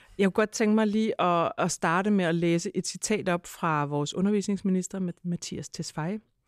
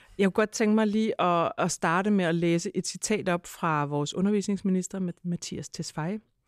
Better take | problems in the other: neither | none

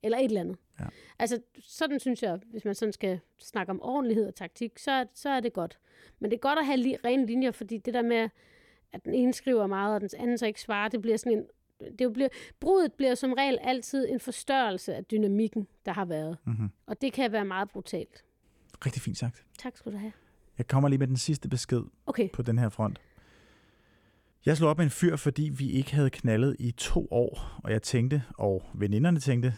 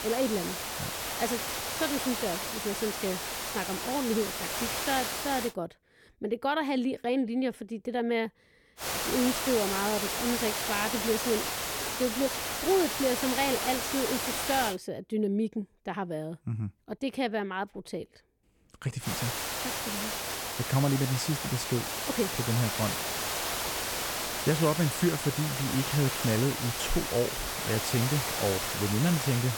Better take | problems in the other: first | hiss; loud; until 5.5 s, from 9 to 15 s and from 19 s on; as loud as the speech

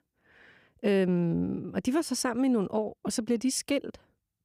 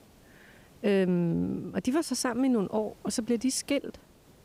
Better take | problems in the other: first | hiss; faint; throughout; 30 dB below the speech

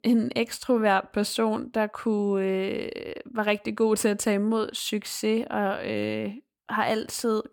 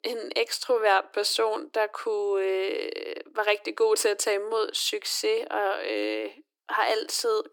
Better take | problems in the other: first | thin; very; fading below 300 Hz

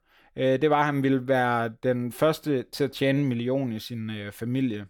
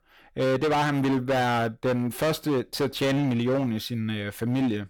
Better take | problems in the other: first | distortion; heavy; 21% of the sound clipped

